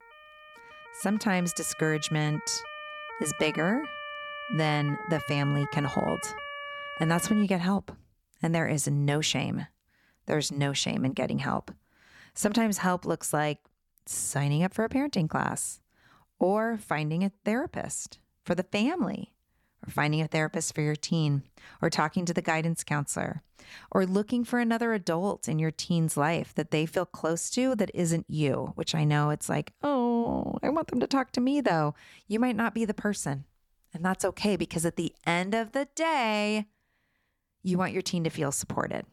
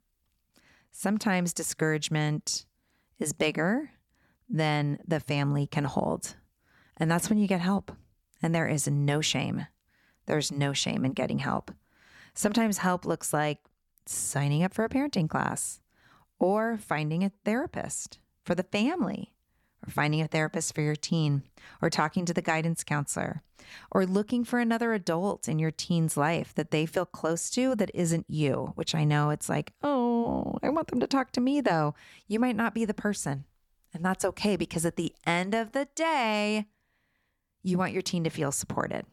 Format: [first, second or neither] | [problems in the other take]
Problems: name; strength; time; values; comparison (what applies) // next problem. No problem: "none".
second | siren; noticeable; until 7.5 s; peak 8 dB below the speech